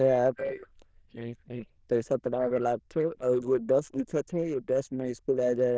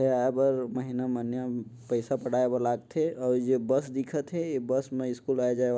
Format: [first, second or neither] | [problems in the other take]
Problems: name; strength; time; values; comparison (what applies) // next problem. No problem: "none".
second | noise reduction (neural diffusion model UNIVERSE++)